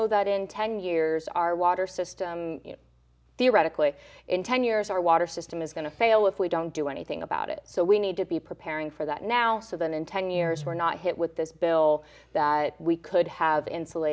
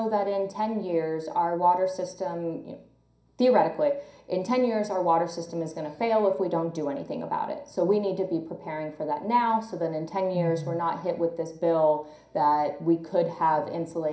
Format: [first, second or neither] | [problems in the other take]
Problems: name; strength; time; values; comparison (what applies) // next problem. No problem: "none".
first | room echo; dies away in 0.5 s